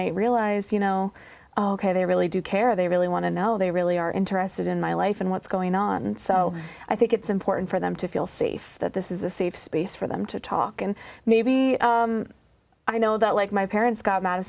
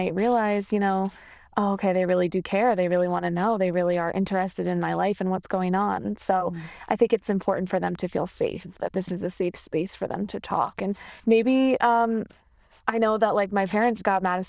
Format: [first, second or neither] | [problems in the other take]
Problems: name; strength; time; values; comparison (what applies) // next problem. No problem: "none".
first | noise reduction (neural diffusion model UNIVERSE++)